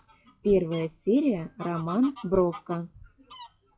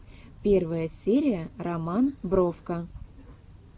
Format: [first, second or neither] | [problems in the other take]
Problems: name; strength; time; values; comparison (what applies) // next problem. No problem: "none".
second | noise reduction (classical method log-MMSE)